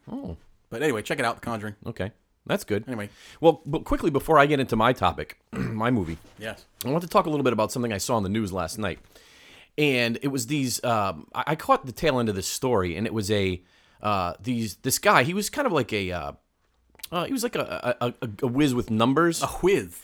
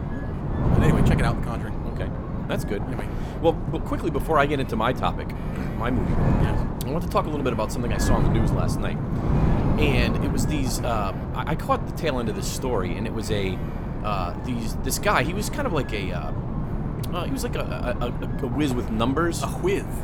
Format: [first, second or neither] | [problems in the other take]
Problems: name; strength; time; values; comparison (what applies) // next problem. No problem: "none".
first | wind noise on the microphone; heavy; 6 dB below the speech